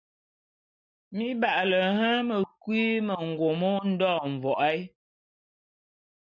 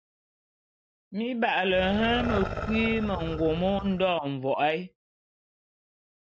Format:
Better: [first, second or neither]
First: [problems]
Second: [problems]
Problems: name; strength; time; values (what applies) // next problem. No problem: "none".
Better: first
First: none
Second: background sound (Growling); 10 dB below the speech